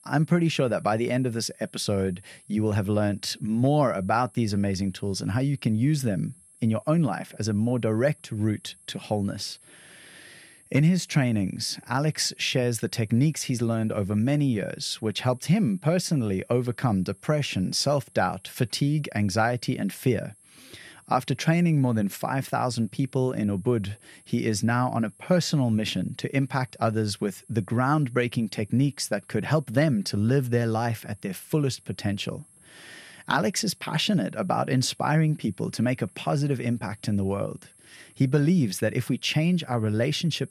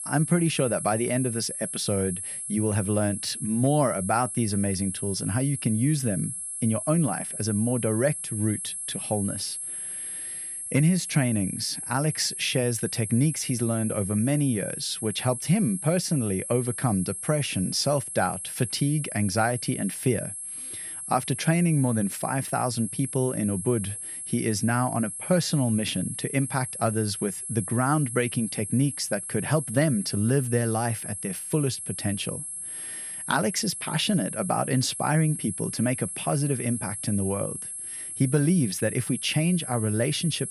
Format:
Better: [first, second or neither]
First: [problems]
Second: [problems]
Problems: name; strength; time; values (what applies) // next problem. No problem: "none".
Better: first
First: high-pitched whine; faint; throughout; 11 kHz, 25 dB below the speech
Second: high-pitched whine; loud; throughout; 11 kHz, 6 dB below the speech